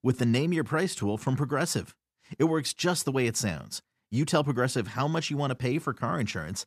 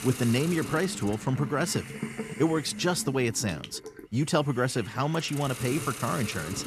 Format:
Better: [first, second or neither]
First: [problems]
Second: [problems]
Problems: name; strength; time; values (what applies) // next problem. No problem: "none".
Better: first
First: none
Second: hiss; noticeable; throughout; 10 dB below the speech